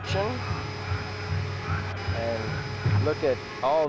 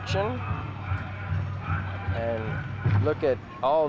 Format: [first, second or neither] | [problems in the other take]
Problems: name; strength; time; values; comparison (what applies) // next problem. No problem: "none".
second | background sound (Domestic sounds, home sounds); 11 dB below the speech